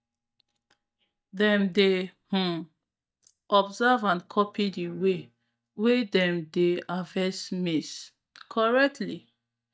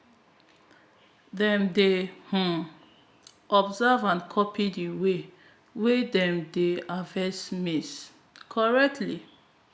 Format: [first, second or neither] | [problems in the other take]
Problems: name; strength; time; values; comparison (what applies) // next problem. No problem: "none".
second | noise reduction (neural mask model DeepFilterNet 3)